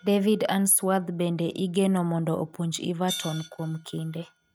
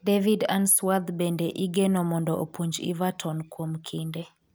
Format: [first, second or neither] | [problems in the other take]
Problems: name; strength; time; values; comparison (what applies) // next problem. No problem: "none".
second | noise reduction (neural mask model RNNoise)